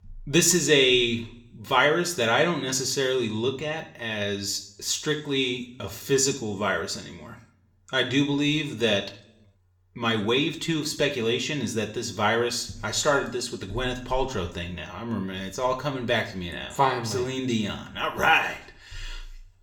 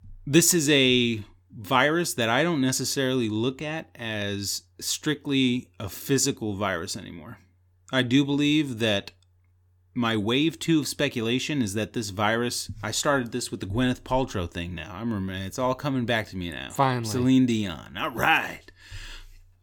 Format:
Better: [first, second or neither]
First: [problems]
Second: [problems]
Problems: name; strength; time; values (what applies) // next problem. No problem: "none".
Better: second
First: room echo; very slight; dies away in 0.5 s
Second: none